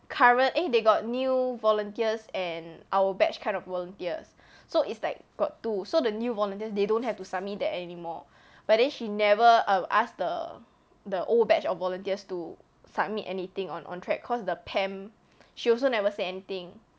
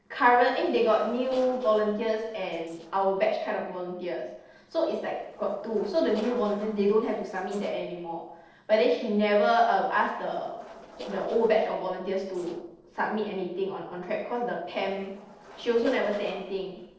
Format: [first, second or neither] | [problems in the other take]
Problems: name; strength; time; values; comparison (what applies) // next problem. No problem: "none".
first | noise reduction (neural separator model SepFormer DNS4)